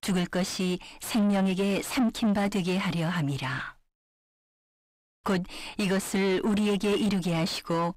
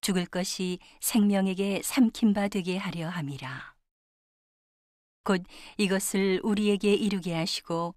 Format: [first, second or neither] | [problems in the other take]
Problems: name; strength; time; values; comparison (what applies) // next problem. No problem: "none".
second | distortion; heavy; 7 dB below the speech